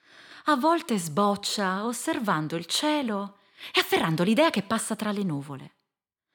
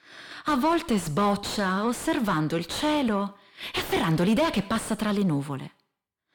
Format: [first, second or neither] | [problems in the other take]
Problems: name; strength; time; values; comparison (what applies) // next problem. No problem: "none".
first | distortion; heavy; 6 dB below the speech